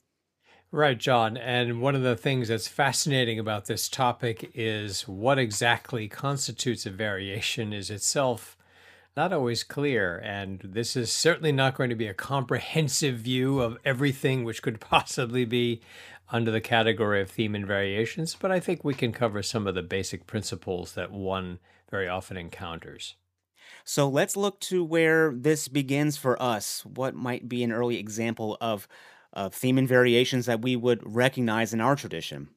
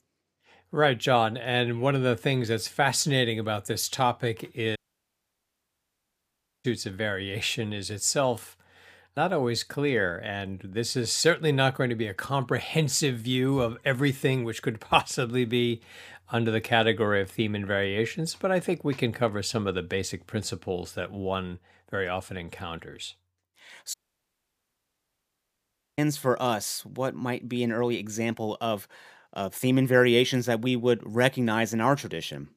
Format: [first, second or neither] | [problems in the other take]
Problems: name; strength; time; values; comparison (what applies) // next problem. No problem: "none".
first | audio cutting out; at 5 s for 2 s and at 24 s for 2 s